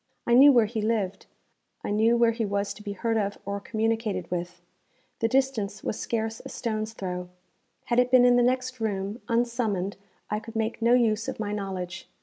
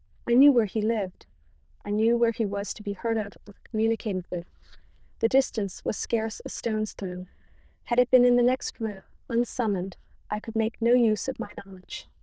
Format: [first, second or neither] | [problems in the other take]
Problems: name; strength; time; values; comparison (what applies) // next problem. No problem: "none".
first | noise reduction (neural diffusion model UNIVERSE++)